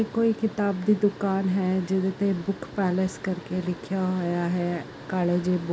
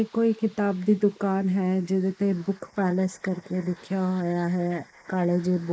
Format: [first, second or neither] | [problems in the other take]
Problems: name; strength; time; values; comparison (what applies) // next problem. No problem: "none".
first | noise reduction (neural mask model Resemble Enhance denoiser)